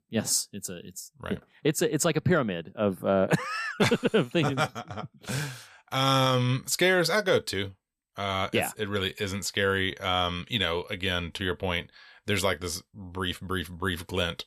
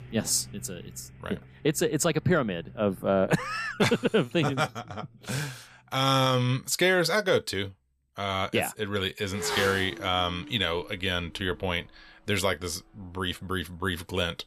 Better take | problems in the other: first | traffic noise; noticeable; throughout; 15 dB below the speech

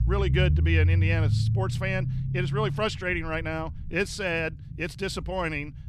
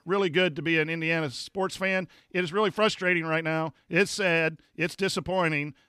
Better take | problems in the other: second | low rumble; noticeable; throughout; 10 dB below the speech

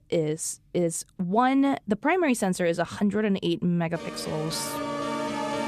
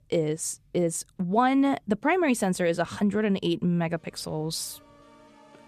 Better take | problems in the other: second | background music; loud; throughout; 6 dB below the speech; faint in the second

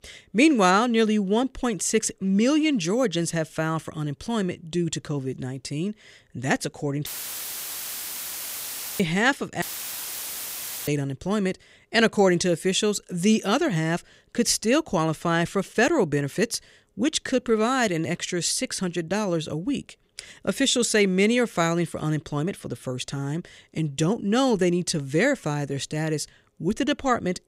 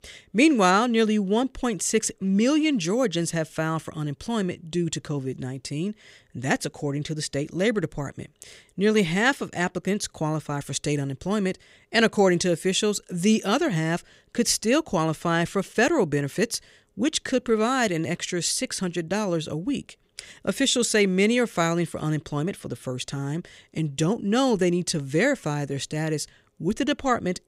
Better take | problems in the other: second | audio cutting out; filled with static; at 7 s for 2 s and at 9.5 s for 1.5 s

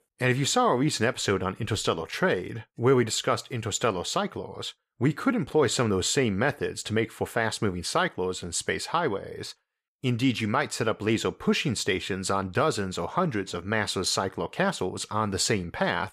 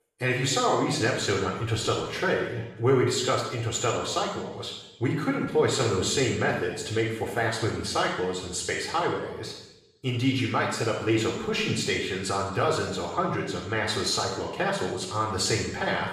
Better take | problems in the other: first | room echo; noticeable; dies away in 0.8 s // off-mic speech; far

